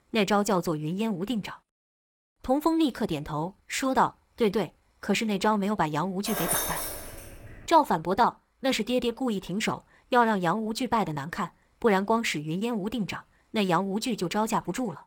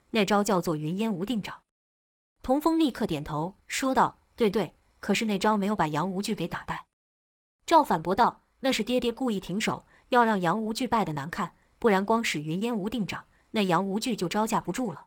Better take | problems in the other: second | jangling keys; loud; from 6.5 to 7.5 s; peak 1 dB above the speech

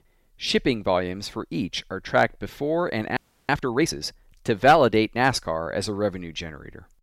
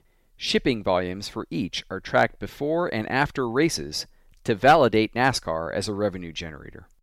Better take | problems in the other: second | audio freezing; at 3 s

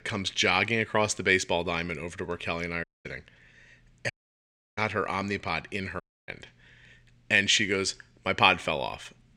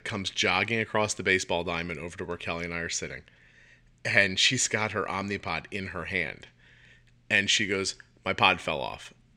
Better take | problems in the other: second | audio cutting out; at 3 s, at 4 s for 0.5 s and at 6 s

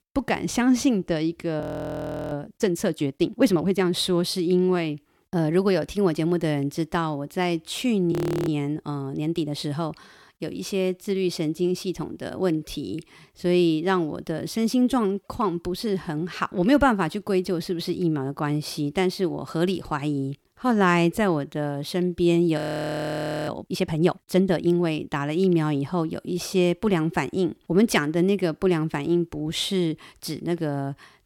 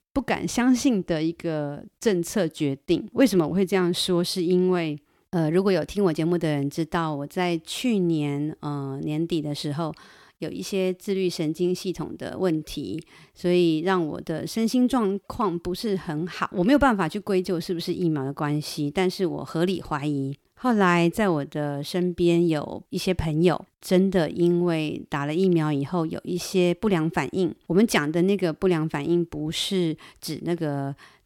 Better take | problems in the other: second | audio freezing; at 1.5 s for 0.5 s, at 8 s and at 23 s for 1 s

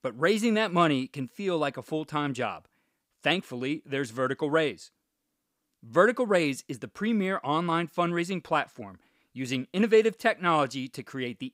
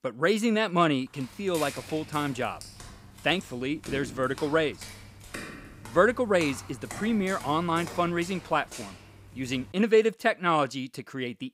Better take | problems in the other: first | footsteps; faint; from 1 to 9.5 s; peak 10 dB below the speech

